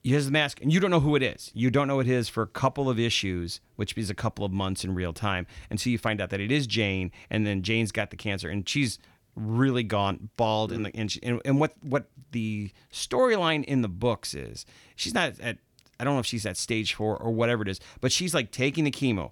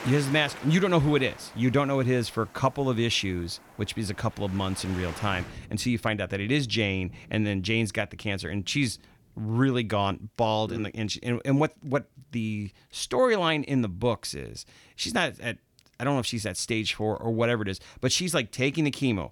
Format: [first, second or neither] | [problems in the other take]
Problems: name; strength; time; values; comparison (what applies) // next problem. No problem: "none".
first | rain or running water; noticeable; until 9 s; 20 dB below the speech